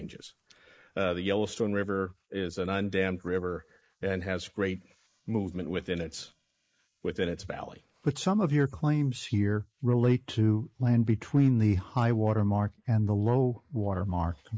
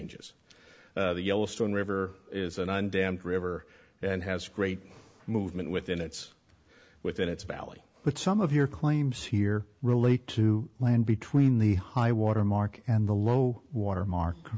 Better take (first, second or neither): second